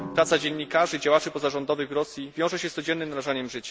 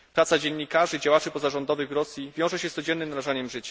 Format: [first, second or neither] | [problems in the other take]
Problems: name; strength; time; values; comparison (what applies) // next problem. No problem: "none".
second | background sound (Drum); 19 dB below the speech